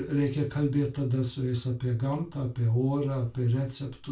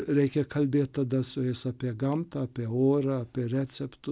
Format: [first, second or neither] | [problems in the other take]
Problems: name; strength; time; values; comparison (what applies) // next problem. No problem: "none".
second | room echo; dies away in 0.3 s